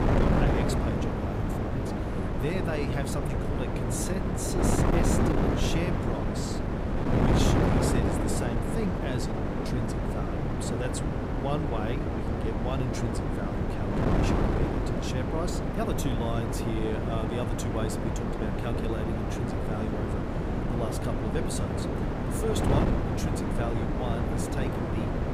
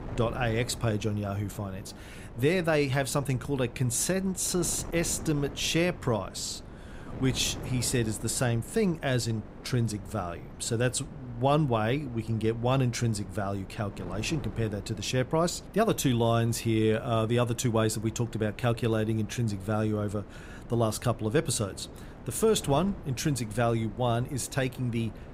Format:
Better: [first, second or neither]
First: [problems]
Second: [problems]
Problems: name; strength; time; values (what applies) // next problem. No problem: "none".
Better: second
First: wind noise on the microphone; heavy; 4 dB above the speech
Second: wind noise on the microphone; occasional gusts; 20 dB below the speech